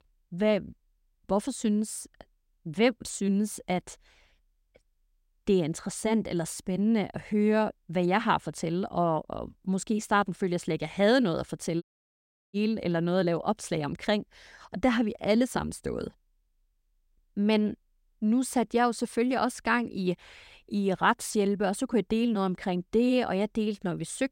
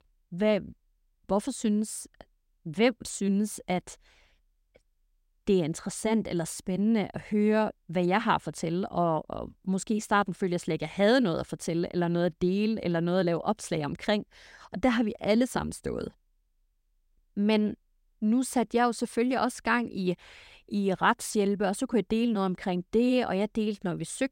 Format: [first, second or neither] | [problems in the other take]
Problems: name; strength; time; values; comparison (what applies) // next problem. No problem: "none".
second | audio cutting out; at 12 s for 0.5 s